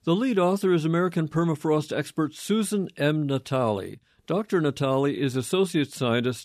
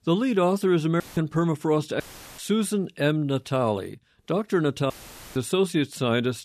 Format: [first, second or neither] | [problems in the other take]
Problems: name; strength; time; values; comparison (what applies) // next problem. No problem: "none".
first | audio cutting out; filled with static; at 1 s, at 2 s and at 5 s